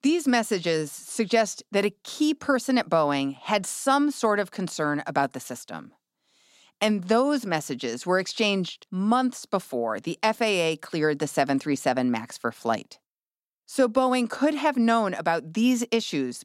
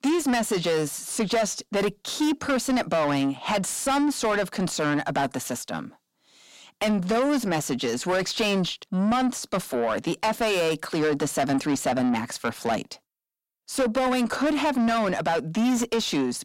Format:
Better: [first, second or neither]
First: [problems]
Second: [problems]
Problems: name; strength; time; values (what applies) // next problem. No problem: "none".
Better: first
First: none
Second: distortion; heavy; 7 dB below the speech